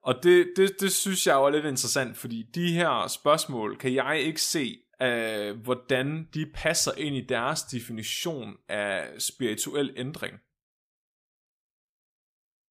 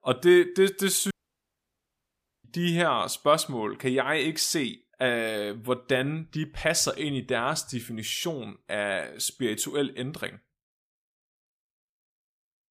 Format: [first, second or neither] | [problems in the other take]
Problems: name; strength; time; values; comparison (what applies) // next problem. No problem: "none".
first | audio cutting out; at 1 s for 1.5 s